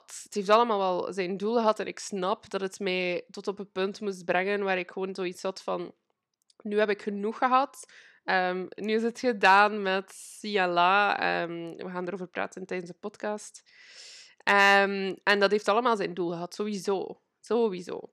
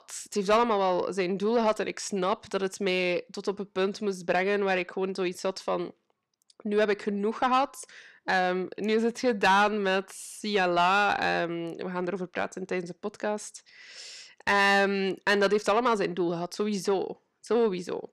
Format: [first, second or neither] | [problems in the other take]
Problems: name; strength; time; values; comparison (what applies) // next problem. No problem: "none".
first | distortion; slight; 10 dB below the speech